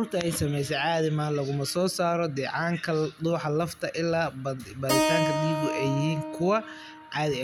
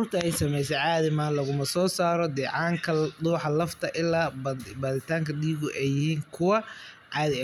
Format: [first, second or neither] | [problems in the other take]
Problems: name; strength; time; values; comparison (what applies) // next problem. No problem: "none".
second | background sound (Keyboard (musical)); 6 dB below the speech